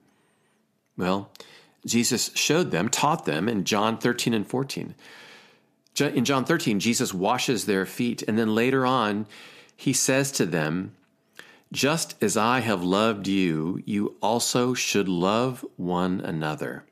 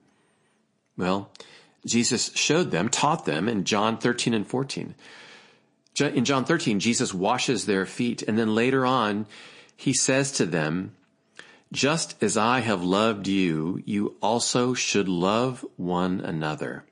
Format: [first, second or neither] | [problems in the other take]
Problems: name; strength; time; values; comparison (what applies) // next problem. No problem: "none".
first | garbled, watery; slightly